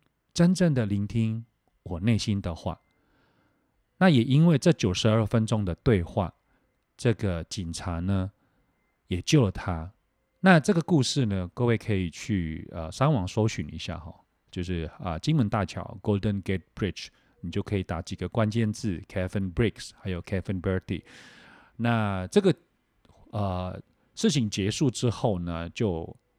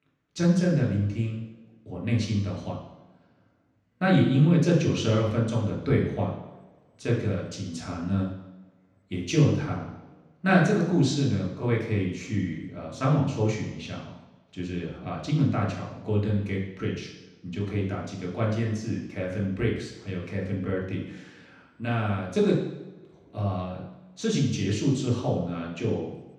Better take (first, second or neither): first